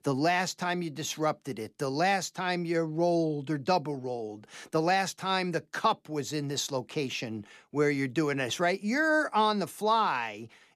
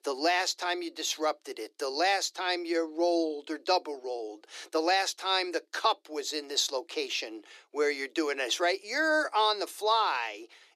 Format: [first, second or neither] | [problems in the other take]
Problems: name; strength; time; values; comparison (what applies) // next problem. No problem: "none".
first | thin; very; fading below 350 Hz